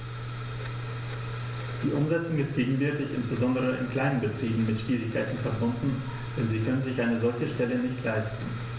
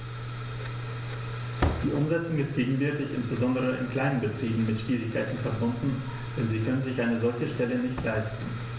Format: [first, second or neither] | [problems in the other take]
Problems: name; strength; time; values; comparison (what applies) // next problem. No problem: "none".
first | background sound (Slam); 12 dB below the speech